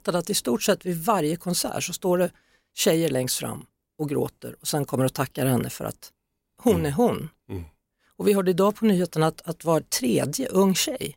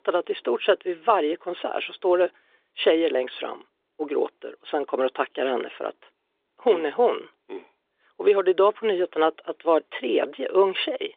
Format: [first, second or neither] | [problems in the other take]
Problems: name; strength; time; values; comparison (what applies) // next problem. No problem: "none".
first | phone-call audio